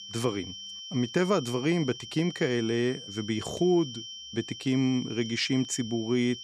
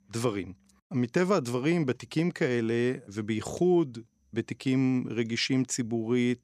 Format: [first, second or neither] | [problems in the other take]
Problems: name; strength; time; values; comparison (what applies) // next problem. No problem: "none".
second | high-pitched whine; noticeable; throughout; 3 kHz, 10 dB below the speech